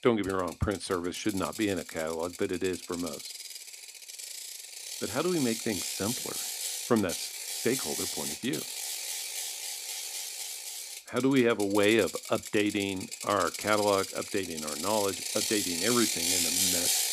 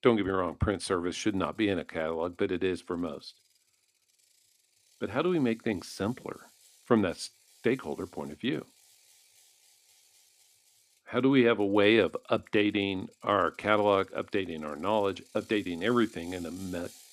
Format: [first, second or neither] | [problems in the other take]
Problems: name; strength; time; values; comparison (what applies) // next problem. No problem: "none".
second | machinery noise; loud; throughout; 2 dB below the speech; faint in the second